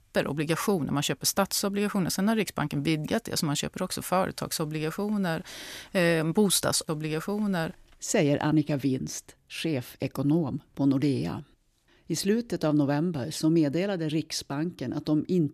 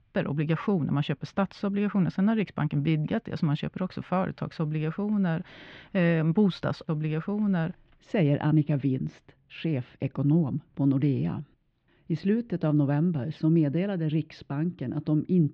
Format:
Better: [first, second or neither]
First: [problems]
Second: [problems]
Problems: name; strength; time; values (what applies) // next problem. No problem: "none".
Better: first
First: none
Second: muffled; very; fading above 3 kHz